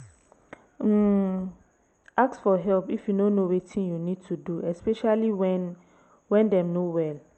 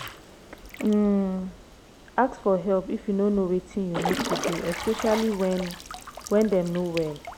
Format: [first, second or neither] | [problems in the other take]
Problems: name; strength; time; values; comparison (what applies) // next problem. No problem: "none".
first | background sound (Drip / Trickle, dribble / Water / Splash, splatter); 10 dB below the speech